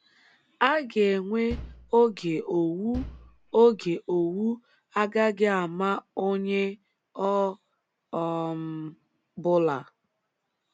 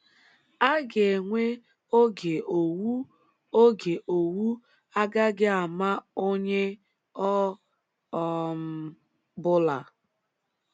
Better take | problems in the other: second | background sound (Bass drum); 14 dB below the speech

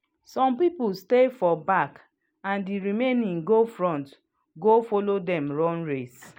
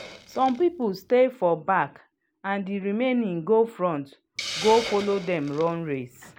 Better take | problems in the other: first | background sound (Hiss); 15 dB below the speech

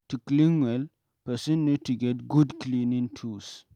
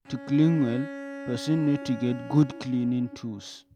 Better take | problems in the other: first | background sound (Bowed string instrument); 14 dB below the speech

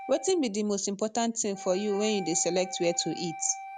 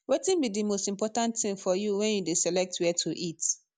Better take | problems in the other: second | background sound (Wind instrument, woodwind instrument); 13 dB below the speech

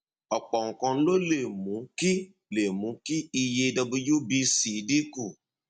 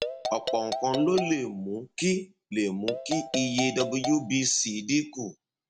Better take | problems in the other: first | background sound (Marimba, xylophone); 6 dB below the speech

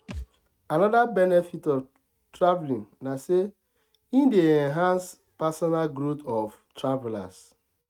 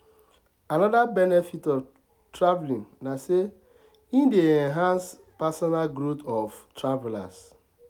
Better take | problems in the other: second | noise reduction (neural mask model RNNoise)

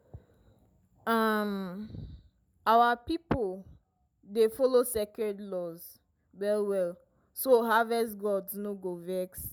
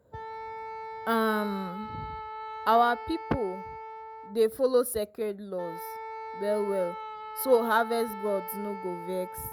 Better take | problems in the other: first | background sound (Wind instrument, woodwind instrument); 10 dB below the speech

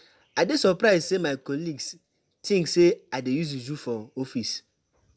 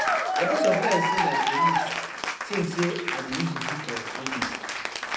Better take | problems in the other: first | background sound (Applause / Cheering); 4 dB above the speech // room echo; dies away in 0.6 s

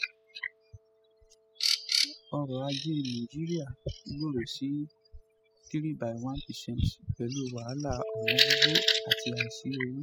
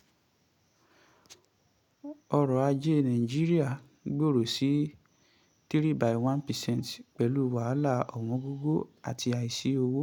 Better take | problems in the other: second | noise reduction (classical method spectral subtraction)

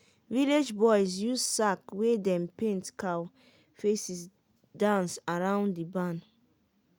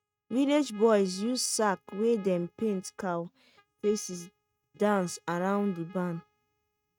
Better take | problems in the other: first | noise reduction (neural mask model RNNoise)

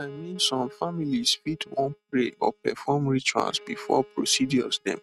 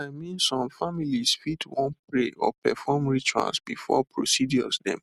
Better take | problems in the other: second | noise reduction (neural mask model RNNoise)

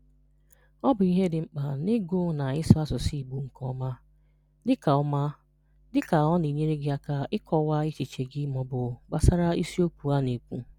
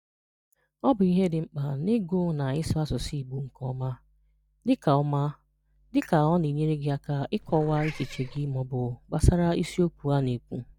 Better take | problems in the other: first | noise reduction (neural mask model DeepFilterNet 3)

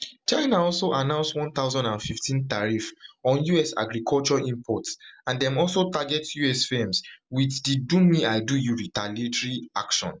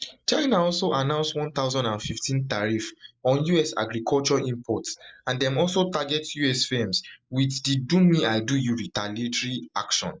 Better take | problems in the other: first | noise reduction (neural mask model Resemble Enhance denoiser)

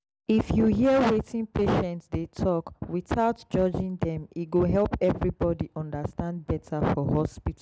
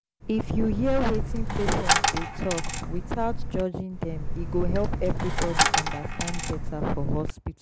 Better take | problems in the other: first | background sound (Coin (dropping)); 3 dB above the speech

